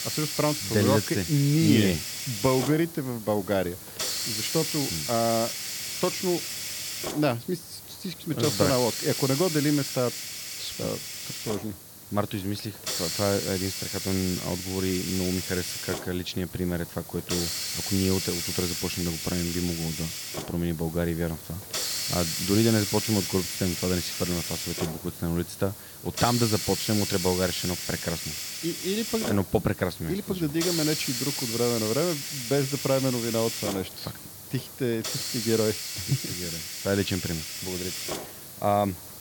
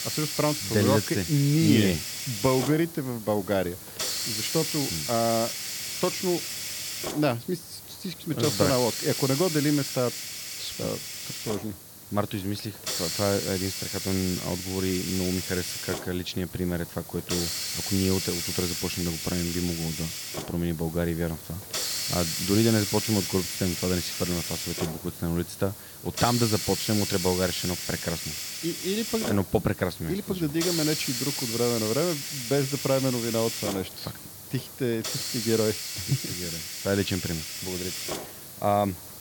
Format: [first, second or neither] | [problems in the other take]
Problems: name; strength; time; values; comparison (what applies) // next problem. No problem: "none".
neither | hiss; loud; throughout; 3 dB below the speech; the same in both